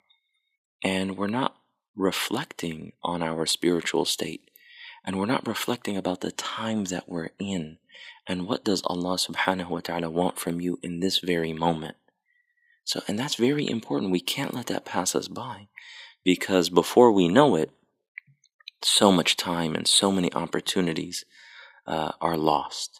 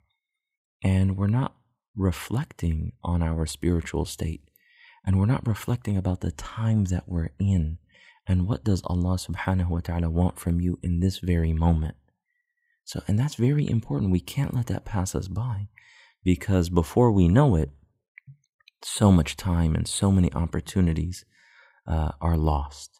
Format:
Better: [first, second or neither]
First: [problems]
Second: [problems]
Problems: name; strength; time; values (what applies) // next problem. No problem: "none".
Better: second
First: thin; somewhat; fading below 300 Hz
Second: none